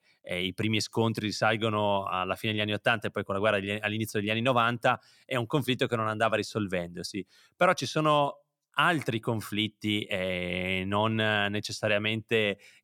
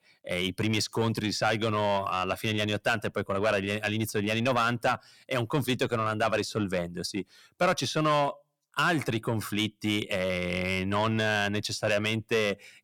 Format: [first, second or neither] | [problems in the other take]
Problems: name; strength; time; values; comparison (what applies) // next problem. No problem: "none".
first | distortion; slight; 10 dB below the speech